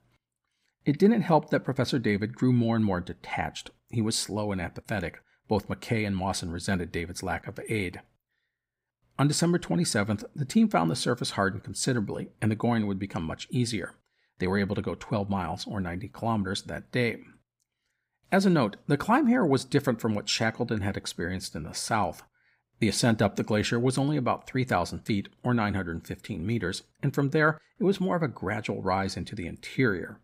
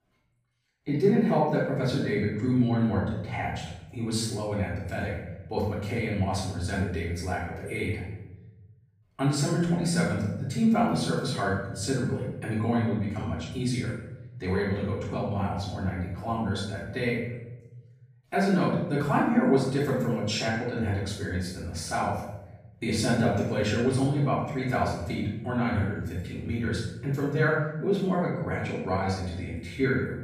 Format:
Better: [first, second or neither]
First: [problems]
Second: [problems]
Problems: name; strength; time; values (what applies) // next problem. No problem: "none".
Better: first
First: none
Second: off-mic speech; far // room echo; noticeable; dies away in 1 s